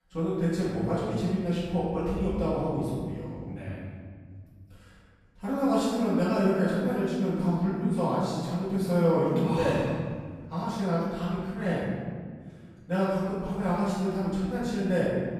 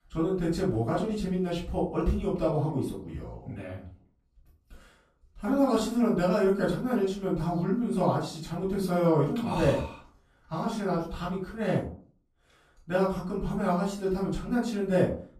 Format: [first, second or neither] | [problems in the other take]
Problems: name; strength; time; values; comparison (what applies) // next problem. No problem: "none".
second | room echo; strong; dies away in 1.9 s; slight in the second // off-mic speech; far; far in the second